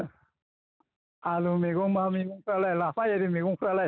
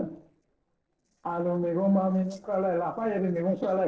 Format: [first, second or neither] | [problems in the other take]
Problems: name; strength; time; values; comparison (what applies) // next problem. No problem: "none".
first | noise reduction (neural separator model SepFormer DNS4)